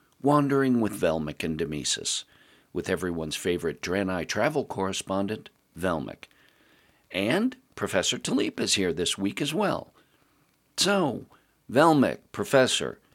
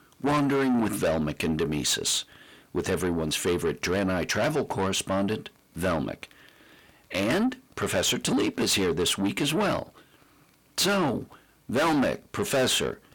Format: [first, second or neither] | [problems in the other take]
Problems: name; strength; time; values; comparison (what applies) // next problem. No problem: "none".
first | distortion; heavy; 6 dB below the speech